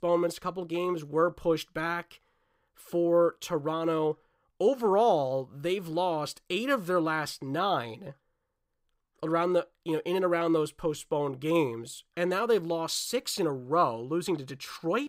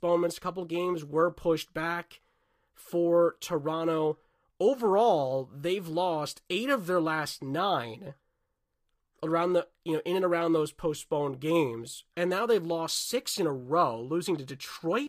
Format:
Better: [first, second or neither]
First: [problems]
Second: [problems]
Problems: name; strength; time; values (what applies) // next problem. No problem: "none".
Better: first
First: none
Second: garbled, watery; slightly; nothing above 15.5 kHz